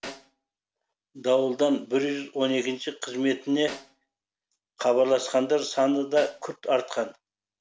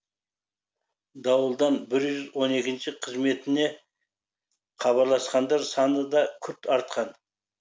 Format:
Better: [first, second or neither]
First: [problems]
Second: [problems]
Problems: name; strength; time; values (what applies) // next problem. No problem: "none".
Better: second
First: background sound (Snare drum); 20 dB below the speech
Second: none